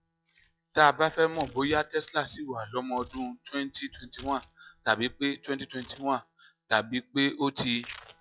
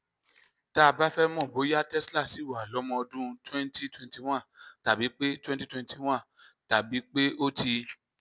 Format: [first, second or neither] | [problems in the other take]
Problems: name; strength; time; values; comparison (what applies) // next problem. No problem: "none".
second | noise reduction (classical method log-MMSE)